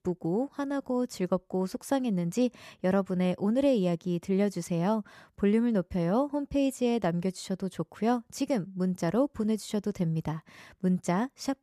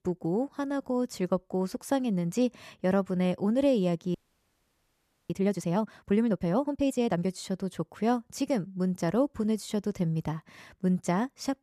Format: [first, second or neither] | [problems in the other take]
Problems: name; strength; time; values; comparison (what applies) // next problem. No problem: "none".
first | audio freezing; at 4 s for 1 s